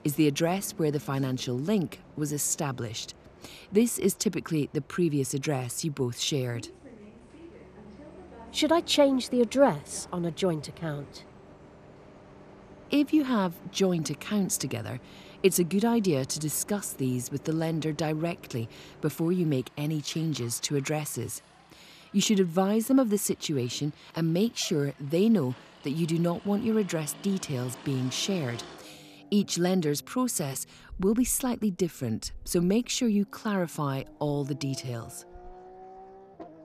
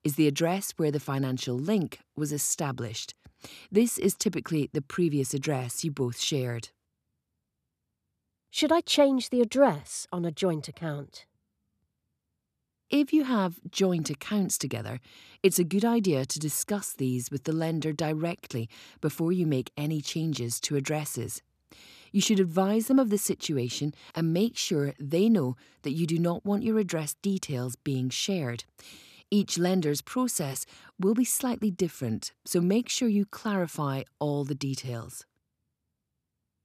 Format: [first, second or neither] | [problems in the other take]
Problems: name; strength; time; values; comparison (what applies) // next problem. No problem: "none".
second | traffic noise; faint; throughout; 20 dB below the speech